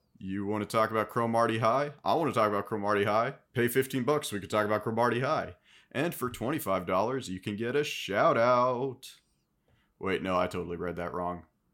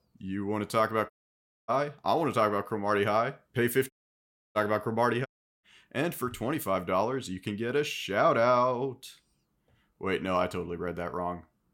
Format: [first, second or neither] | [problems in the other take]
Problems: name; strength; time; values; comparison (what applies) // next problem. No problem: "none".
first | audio cutting out; at 1 s for 0.5 s, at 4 s for 0.5 s and at 5.5 s